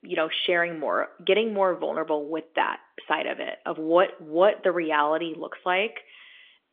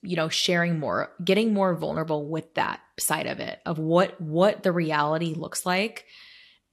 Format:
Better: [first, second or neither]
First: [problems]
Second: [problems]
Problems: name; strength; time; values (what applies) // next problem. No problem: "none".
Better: second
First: phone-call audio; nothing above 3.5 kHz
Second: none